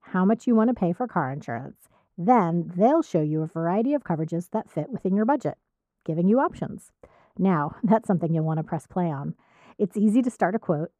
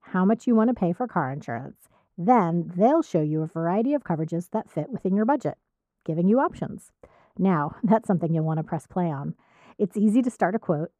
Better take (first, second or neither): neither